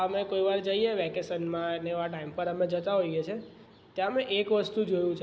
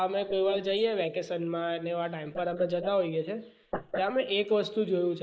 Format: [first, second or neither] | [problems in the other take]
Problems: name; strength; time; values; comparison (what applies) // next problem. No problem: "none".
first | noise reduction (neural mask model Resemble Enhance denoiser)